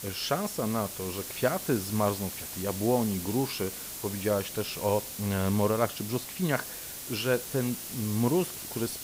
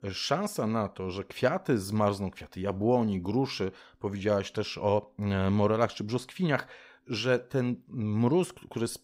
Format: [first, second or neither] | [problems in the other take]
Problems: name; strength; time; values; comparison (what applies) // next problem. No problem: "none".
second | hiss; loud; throughout; 6 dB below the speech